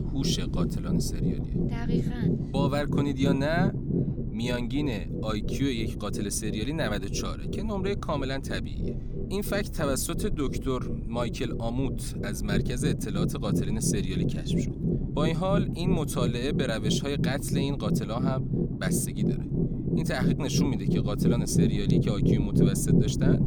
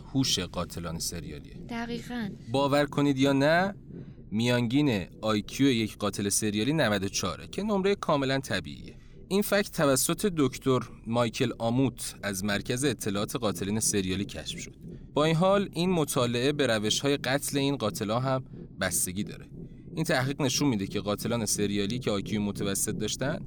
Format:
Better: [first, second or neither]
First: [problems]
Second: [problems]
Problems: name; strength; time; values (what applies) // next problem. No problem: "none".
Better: second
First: low rumble; loud; throughout; 3 dB below the speech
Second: low rumble; faint; throughout; 25 dB below the speech